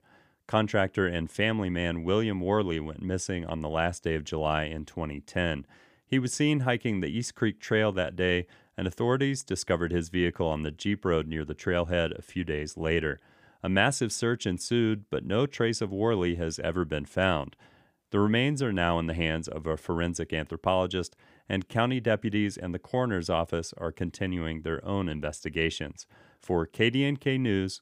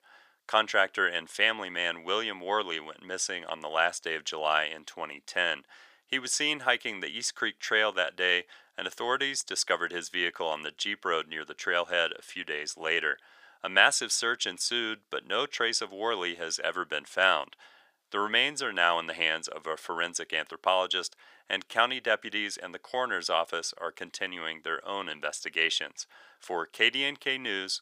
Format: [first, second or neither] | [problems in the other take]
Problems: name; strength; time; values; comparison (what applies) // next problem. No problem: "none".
first | thin; very; fading below 750 Hz